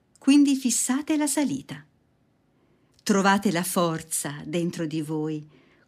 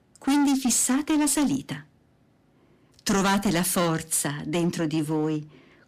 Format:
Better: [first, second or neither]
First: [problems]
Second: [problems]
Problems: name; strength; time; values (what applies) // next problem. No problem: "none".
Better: first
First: none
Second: distortion; heavy; 14% of the sound clipped